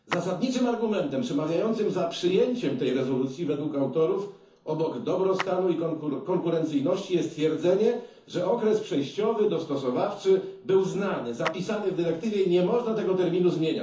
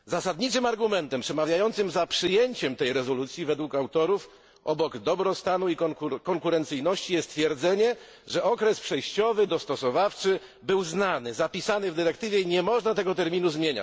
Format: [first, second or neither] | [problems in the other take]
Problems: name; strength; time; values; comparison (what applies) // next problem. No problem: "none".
second | background sound (Clapping); 15 dB below the speech // room echo; dies away in 0.9 s